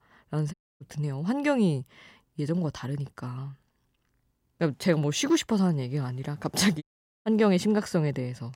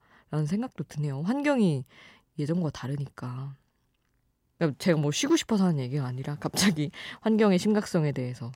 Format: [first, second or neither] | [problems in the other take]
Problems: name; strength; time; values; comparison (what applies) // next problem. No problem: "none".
second | audio cutting out; at 0.5 s and at 7 s